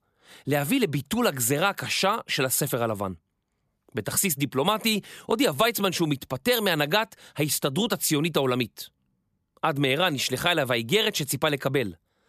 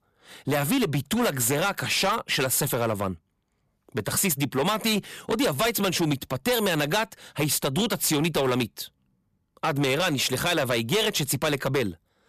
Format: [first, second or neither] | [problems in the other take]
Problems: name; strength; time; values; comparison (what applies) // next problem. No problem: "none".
first | distortion; heavy; 13% of the sound clipped